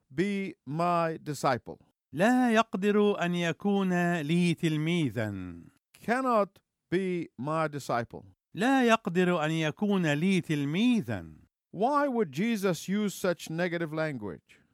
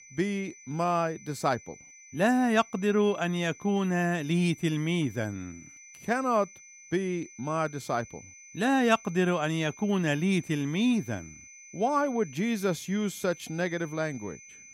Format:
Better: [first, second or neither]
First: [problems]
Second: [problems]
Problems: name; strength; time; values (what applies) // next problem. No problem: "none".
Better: first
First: none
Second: high-pitched whine; noticeable; throughout; 6 kHz, 20 dB below the speech